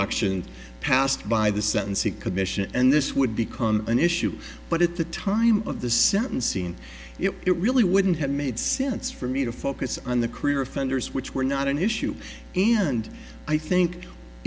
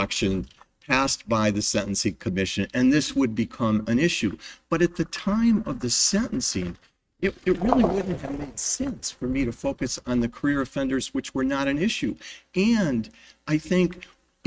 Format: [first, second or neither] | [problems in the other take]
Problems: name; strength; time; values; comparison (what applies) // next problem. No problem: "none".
first | noise reduction (neural mask model RNNoise)